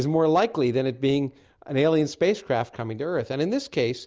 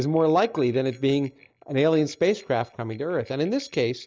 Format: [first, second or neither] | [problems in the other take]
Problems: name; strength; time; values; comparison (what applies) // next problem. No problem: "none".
first | noise reduction (neural mask model DeepFilterNet 3)